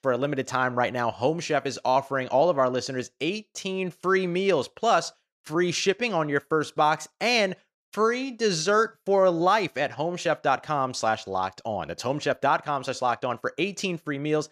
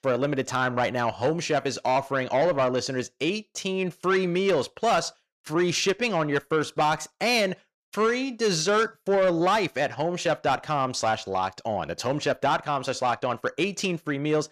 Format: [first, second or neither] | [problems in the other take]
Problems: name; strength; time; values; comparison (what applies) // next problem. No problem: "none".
first | distortion; slight; 10 dB below the speech